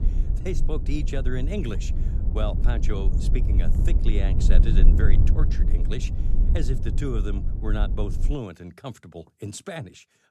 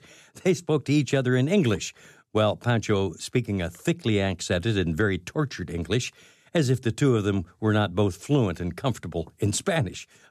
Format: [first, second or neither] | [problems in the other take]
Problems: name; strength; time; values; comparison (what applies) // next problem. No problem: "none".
second | low rumble; loud; until 8.5 s; 5 dB below the speech